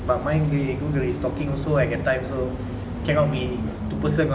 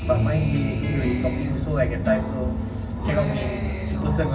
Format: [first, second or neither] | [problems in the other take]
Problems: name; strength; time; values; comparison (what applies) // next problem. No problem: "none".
first | background sound (Acoustic guitar); 4 dB below the speech // room echo; dies away in 0.4 s